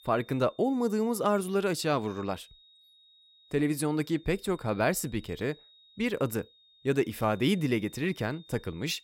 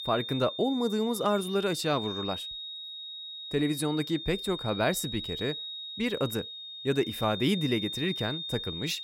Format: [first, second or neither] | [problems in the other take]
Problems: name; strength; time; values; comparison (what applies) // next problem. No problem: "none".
first | high-pitched whine; loud; throughout; 3.5 kHz, 6 dB below the speech; faint in the first